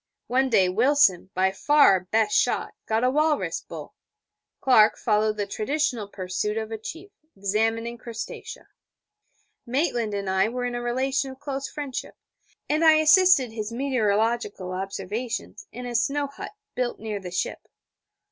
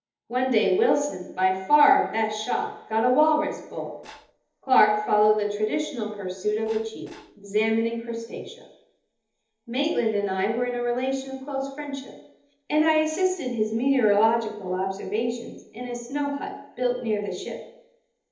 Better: first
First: none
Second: noise reduction (neural separator model SepFormer DNS4)

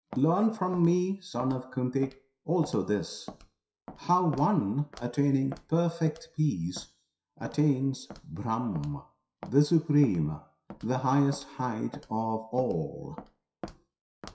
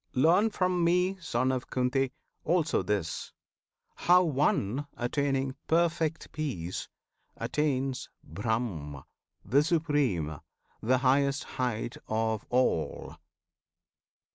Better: second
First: noise reduction (classical method WPE with log-MMSE)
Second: none

